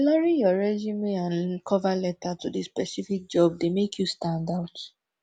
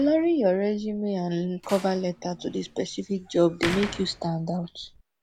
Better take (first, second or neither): first